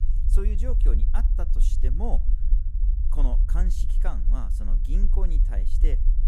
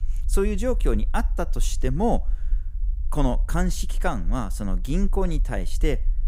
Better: second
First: low rumble; loud; throughout; 7 dB below the speech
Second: low rumble; faint; throughout; 25 dB below the speech

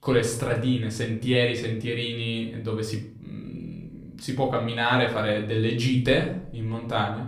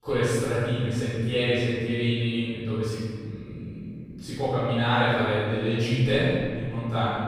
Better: first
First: room echo; slight; dies away in 0.5 s // off-mic speech; somewhat distant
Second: room echo; strong; dies away in 1.8 s // off-mic speech; far

